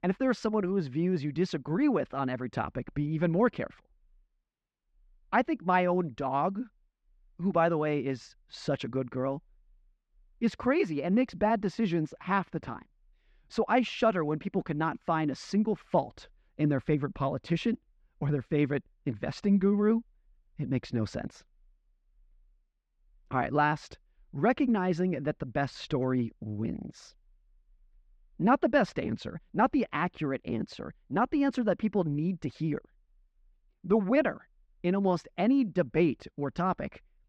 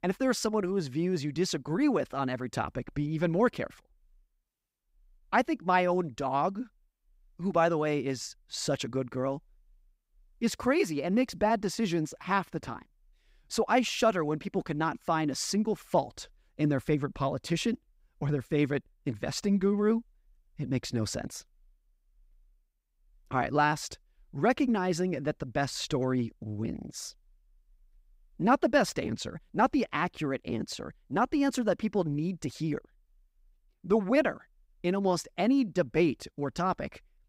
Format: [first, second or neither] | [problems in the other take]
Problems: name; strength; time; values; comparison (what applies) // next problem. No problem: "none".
second | muffled; slightly; fading above 3 kHz